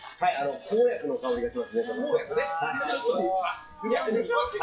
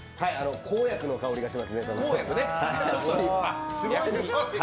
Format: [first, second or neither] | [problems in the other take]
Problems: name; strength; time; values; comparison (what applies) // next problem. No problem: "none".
second | noise reduction (classical method WPE with log-MMSE)